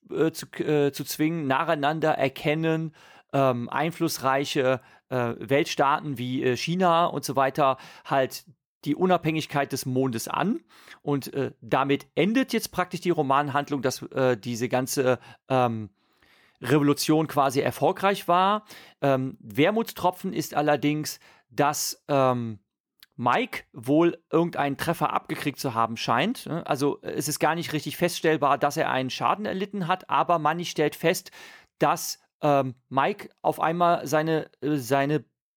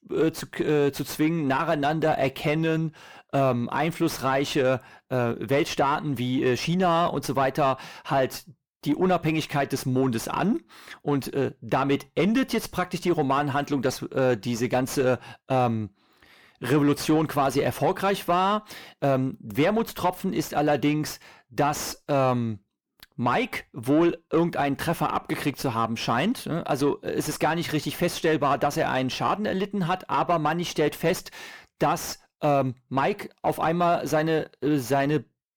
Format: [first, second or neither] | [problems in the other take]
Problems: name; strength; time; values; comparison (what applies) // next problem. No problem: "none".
first | distortion; slight; 9 dB below the speech